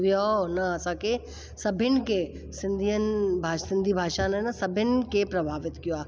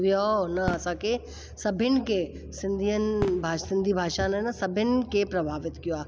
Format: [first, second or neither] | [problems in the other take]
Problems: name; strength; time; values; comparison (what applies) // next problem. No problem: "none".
first | background sound (Fireworks); 14 dB below the speech